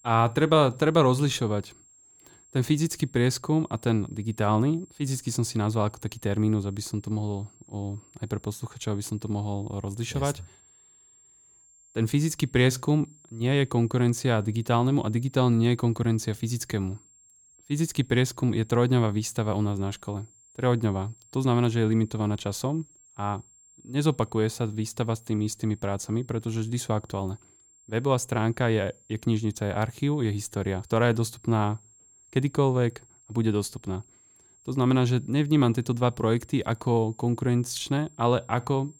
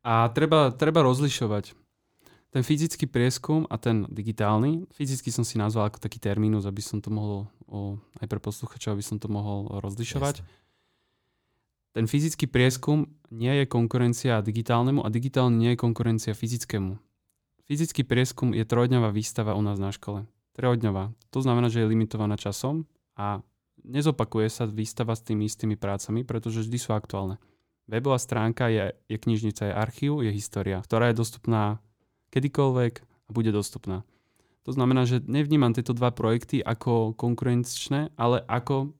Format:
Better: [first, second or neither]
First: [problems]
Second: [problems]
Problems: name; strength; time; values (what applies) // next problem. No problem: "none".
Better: second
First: high-pitched whine; faint; throughout; 7.5 kHz, 30 dB below the speech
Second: none